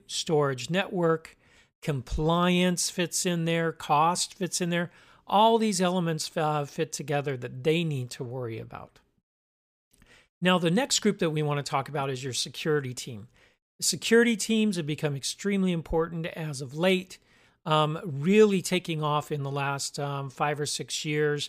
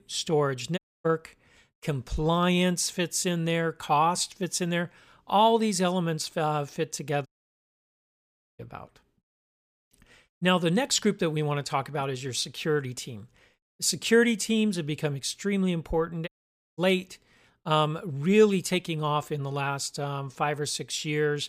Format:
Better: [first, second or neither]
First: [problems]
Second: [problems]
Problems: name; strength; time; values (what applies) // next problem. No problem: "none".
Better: first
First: none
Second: audio cutting out; at 1 s, at 7.5 s for 1.5 s and at 16 s